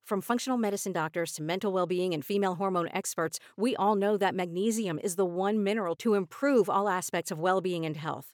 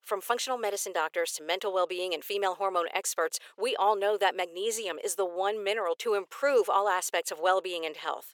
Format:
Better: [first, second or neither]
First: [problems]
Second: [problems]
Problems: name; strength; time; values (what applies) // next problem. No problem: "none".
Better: first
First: none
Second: thin; very; fading below 450 Hz